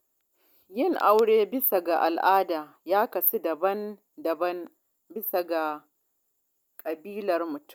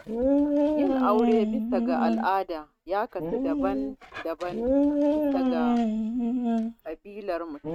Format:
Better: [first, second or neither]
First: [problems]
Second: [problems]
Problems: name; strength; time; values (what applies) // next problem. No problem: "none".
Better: first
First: none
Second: noise reduction (neural mask model RNNoise)